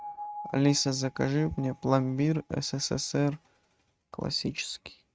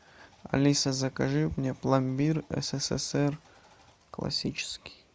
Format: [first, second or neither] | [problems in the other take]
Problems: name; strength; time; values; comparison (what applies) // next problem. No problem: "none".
second | noise reduction (neural mask model RNNoise)